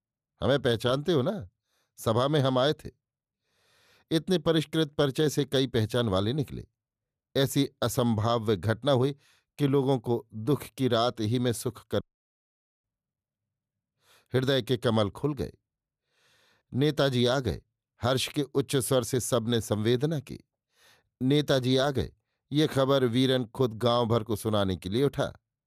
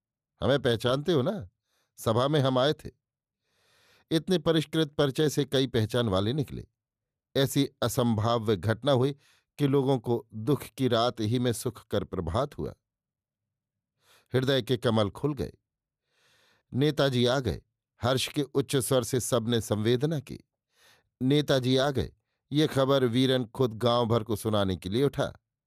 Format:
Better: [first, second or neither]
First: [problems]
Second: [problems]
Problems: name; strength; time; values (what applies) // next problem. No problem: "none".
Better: second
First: audio cutting out; at 12 s for 1 s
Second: none